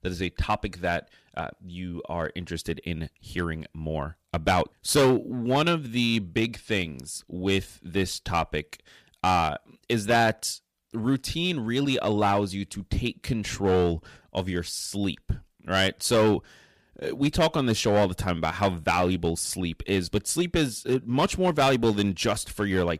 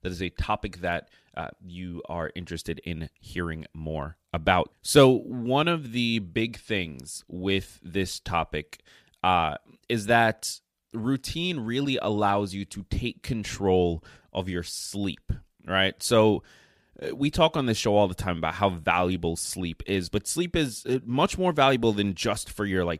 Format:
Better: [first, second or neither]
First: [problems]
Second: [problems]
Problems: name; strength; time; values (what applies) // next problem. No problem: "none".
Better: second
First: distortion; slight; 4% of the sound clipped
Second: none